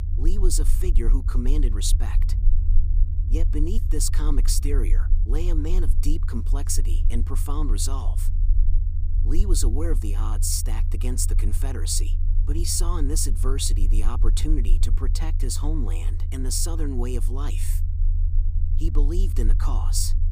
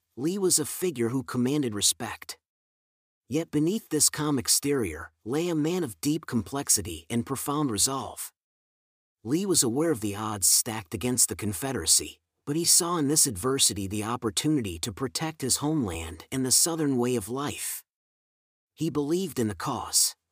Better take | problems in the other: second | low rumble; noticeable; throughout; 15 dB below the speech

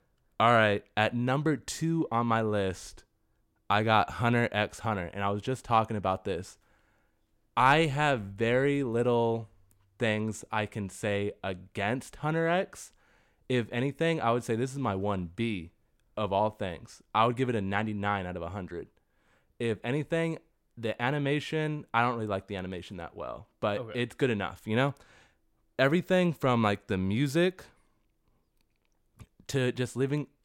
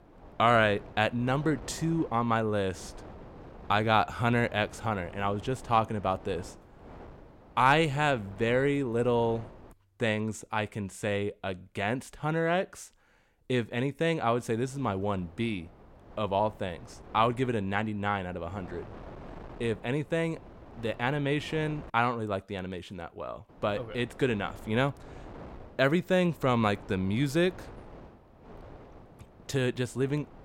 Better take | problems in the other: first | wind noise on the microphone; occasional gusts; until 9.5 s, from 14 to 22 s and from 23 s on; 20 dB below the speech

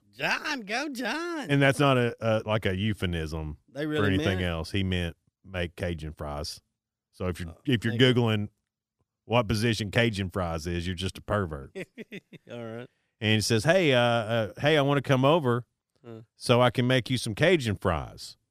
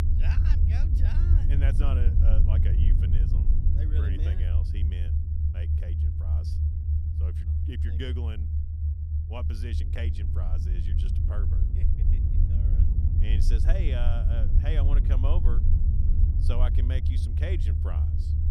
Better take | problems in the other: first | low rumble; loud; throughout; 1 dB below the speech

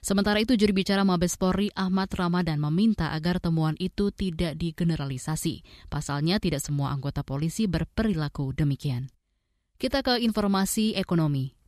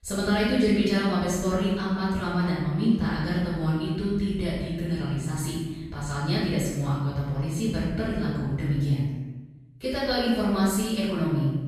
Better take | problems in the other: first | off-mic speech; far // room echo; strong; dies away in 1.1 s

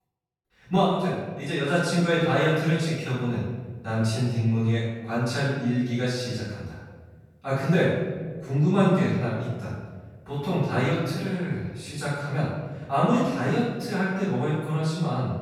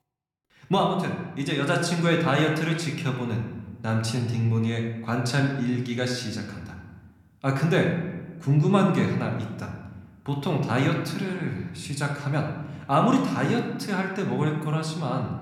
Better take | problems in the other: second | room echo; strong; dies away in 1.3 s; slight in the second // off-mic speech; far

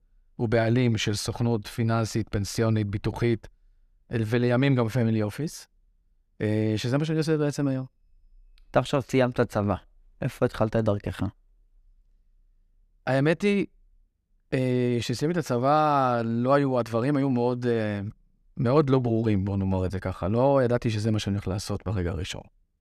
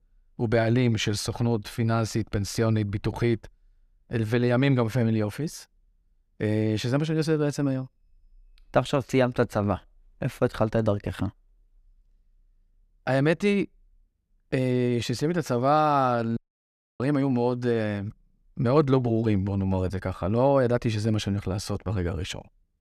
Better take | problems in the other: first | audio cutting out; at 16 s for 0.5 s

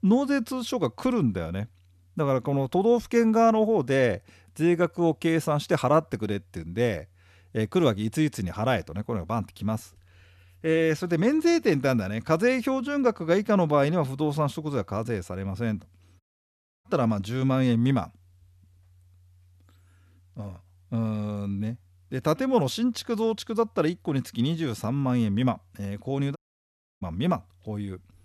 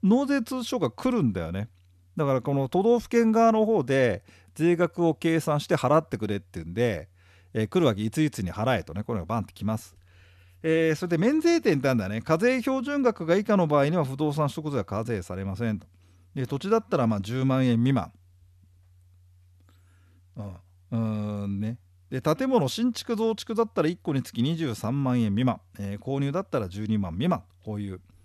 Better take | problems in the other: second | audio cutting out; at 16 s for 0.5 s and at 26 s for 0.5 s

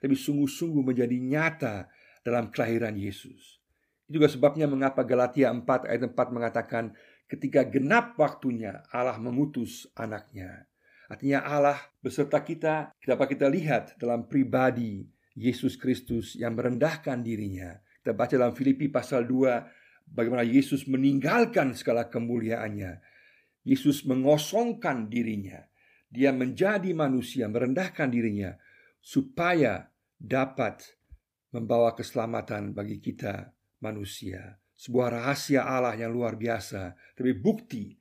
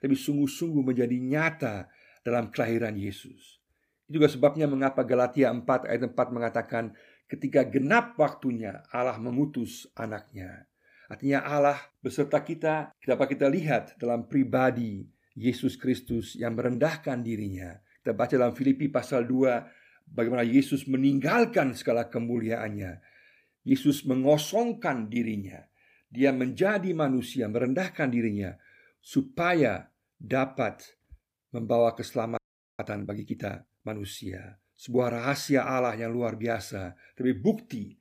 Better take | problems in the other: first | audio freezing; at 32 s

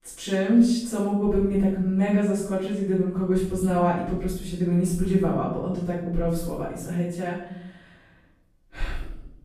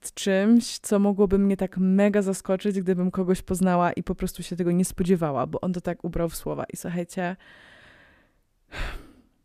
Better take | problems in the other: second | room echo; noticeable; dies away in 0.8 s // off-mic speech; far

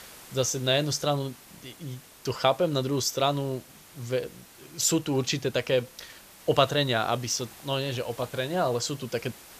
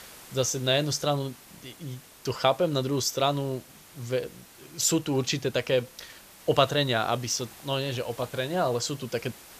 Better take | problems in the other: neither | hiss; faint; throughout; 20 dB below the speech; the same in both

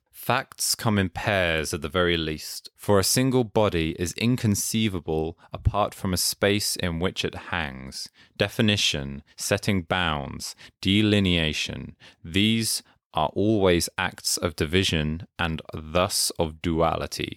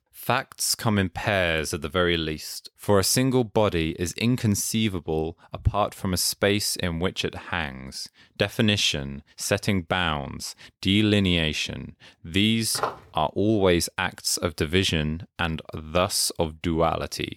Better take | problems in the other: first | footsteps; noticeable; at 13 s; peak 6 dB below the speech

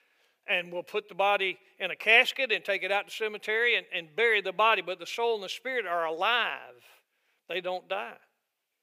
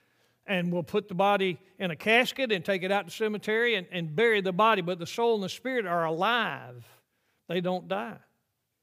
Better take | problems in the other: second | thin; very; fading below 500 Hz

